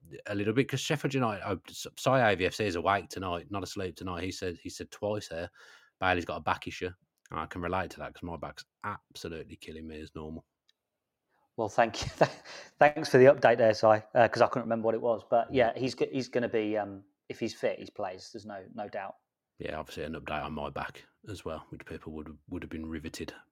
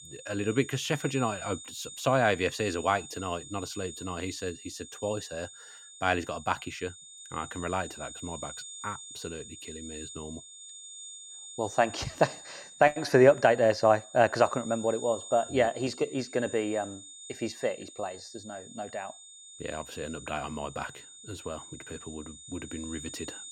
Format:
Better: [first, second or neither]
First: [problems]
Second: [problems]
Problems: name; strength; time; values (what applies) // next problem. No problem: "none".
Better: first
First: none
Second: high-pitched whine; noticeable; throughout; 7 kHz, 15 dB below the speech